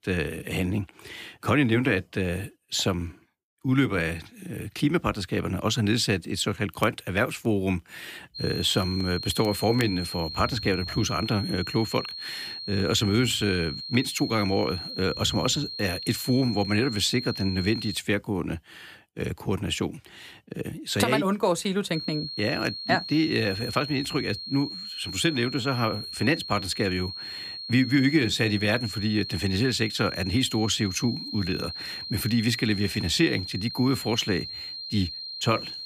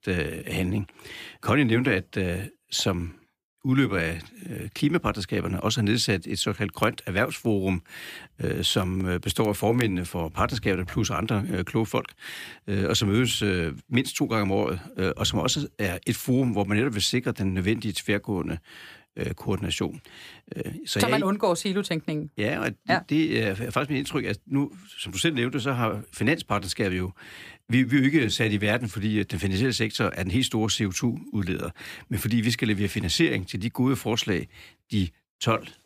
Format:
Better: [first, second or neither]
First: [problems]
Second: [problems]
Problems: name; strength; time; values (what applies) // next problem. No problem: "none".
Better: second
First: high-pitched whine; loud; from 8.5 to 18 s and from 22 s on; 4.5 kHz, 8 dB below the speech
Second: none